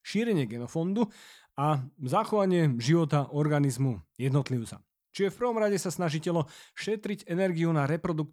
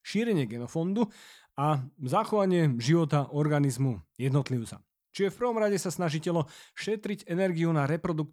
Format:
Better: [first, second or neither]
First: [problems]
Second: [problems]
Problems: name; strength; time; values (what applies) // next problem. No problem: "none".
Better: neither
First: none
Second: none